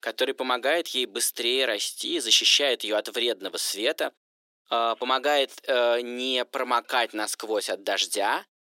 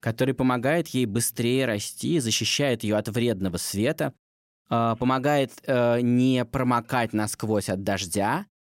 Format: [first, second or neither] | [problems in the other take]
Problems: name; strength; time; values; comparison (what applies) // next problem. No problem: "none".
second | thin; very; fading below 350 Hz